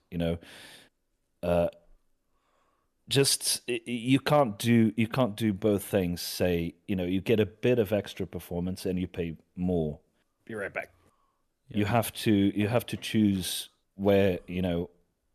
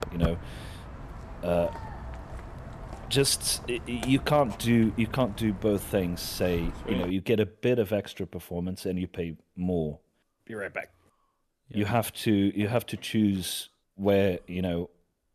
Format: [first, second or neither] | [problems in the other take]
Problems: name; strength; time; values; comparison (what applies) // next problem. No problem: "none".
first | footsteps; noticeable; until 7 s; peak 4 dB below the speech